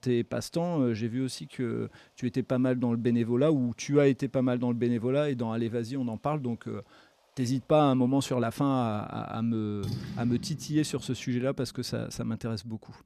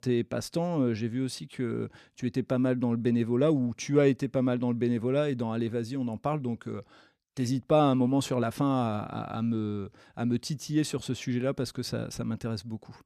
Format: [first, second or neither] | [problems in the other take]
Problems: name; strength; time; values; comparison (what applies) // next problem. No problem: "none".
second | rain or running water; noticeable; throughout; 15 dB below the speech